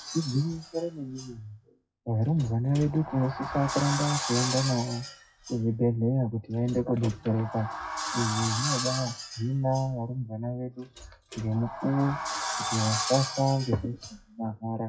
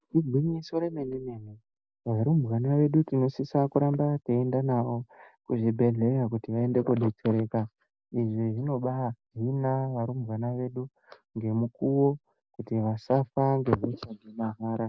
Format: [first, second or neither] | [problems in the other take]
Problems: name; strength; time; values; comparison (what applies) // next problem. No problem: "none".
second | noise reduction (classical method WPE with log-MMSE)